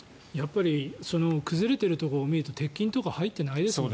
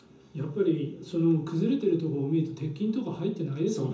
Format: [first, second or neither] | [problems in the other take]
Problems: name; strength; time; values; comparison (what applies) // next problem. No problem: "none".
first | room echo; dies away in 0.6 s